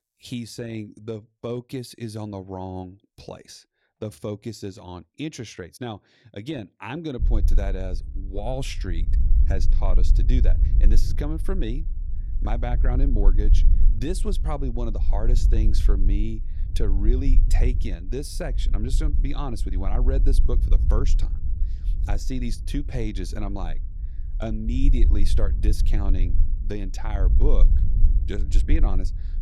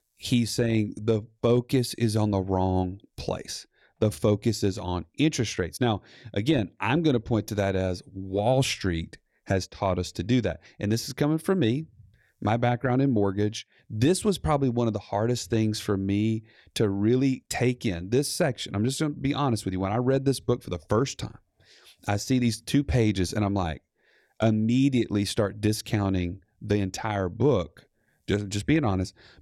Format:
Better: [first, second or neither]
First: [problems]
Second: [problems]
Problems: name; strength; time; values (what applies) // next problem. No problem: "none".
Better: second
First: low rumble; noticeable; from 7 s on; 10 dB below the speech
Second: none